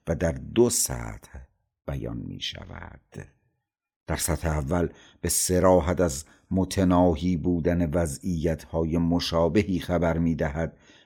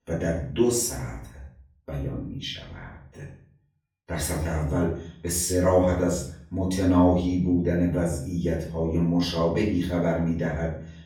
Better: first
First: none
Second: off-mic speech; far // room echo; noticeable; dies away in 0.4 s

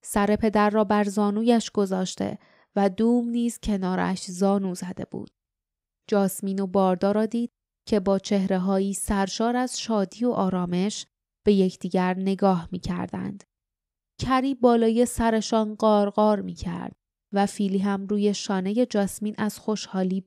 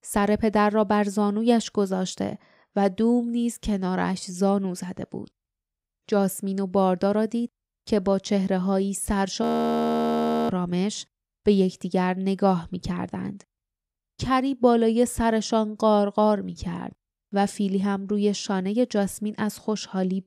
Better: first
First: none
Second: audio freezing; at 9.5 s for 1 s

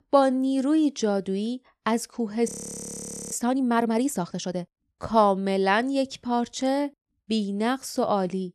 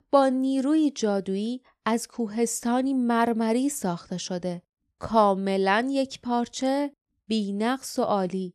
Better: second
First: audio freezing; at 2.5 s for 1 s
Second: none

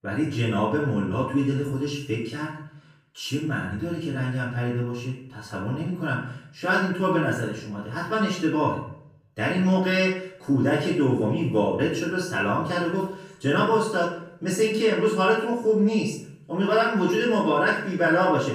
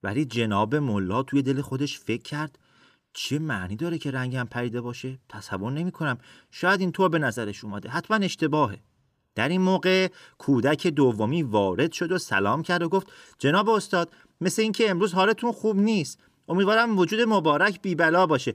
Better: second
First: room echo; noticeable; dies away in 0.5 s // off-mic speech; far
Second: none

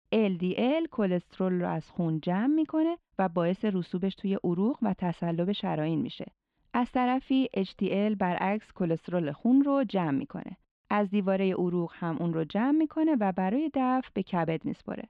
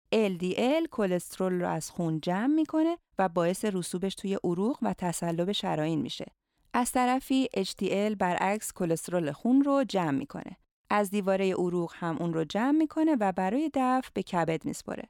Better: second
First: muffled; slightly; fading above 3 kHz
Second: none

